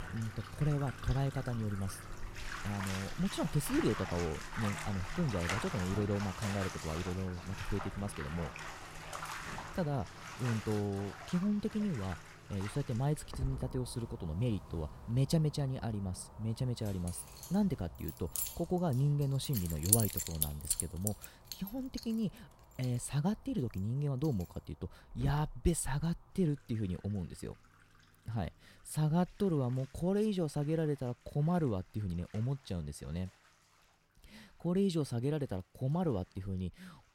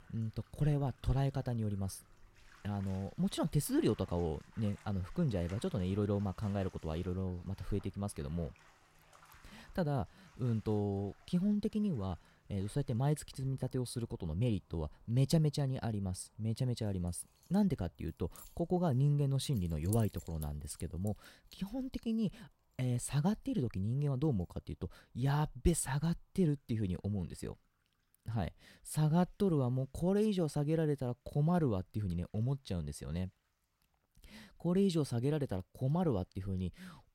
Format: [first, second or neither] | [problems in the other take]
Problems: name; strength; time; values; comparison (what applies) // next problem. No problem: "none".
second | household noises; loud; throughout; 5 dB below the speech; faint in the second